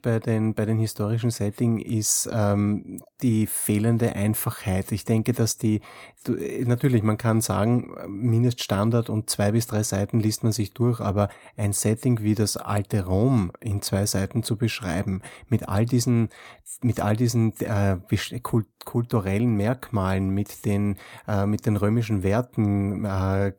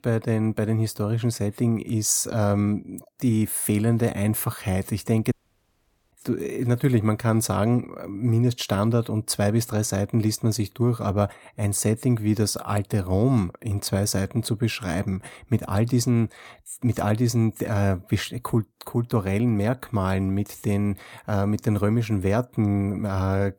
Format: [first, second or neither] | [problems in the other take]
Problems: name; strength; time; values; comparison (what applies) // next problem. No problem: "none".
first | audio cutting out; at 5.5 s for 1 s